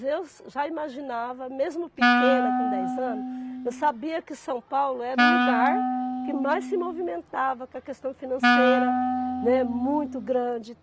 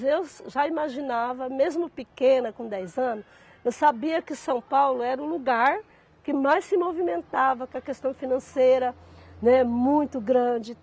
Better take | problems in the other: second | background sound (Wind instrument, woodwind instrument); 2 dB above the speech

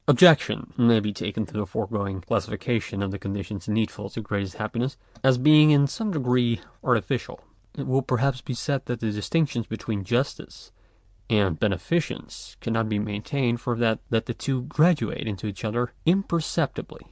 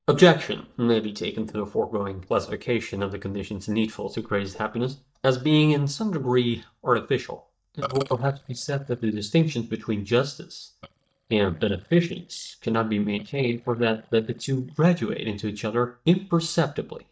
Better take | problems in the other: first | noise reduction (neural mask model DeepFilterNet 3)

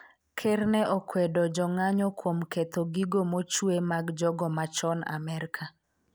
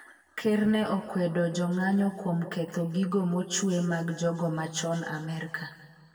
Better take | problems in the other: first | room echo; dies away in 1.4 s

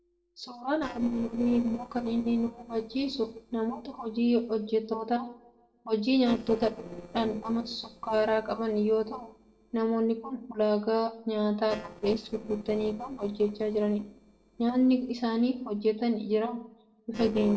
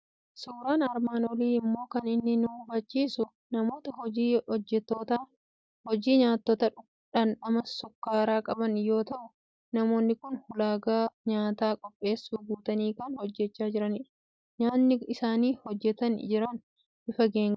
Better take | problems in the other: second | noise reduction (neural separator model SepFormer DNS4)

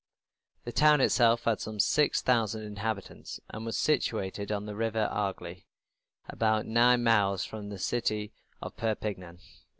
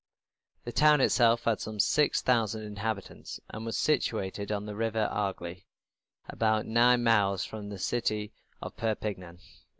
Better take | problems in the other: first | noise reduction (neural mask model Resemble Enhance denoiser)

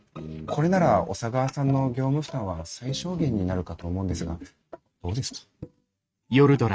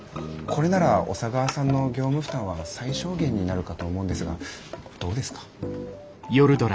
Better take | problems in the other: second | noise reduction (neural mask model RNNoise)

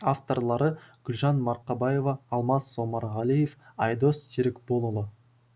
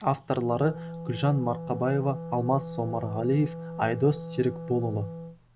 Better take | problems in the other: first | background sound (Wind instrument, woodwind instrument); 10 dB below the speech

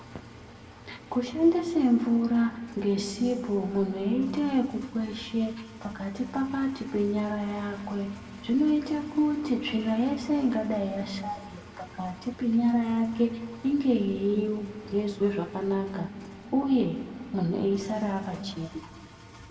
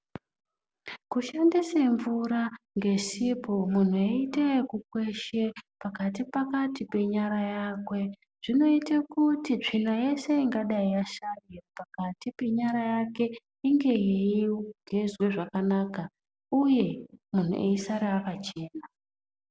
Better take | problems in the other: second | background sound (Engine); 17 dB below the speech // room echo; dies away in 1.6 s

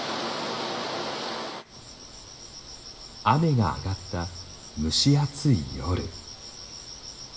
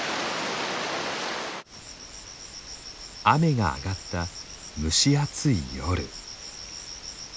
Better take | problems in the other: second | room echo; dies away in 0.7 s

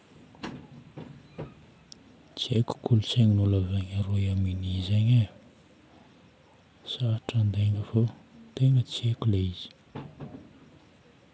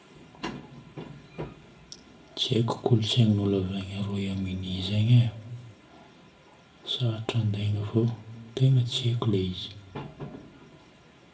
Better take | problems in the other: first | room echo; dies away in 0.3 s

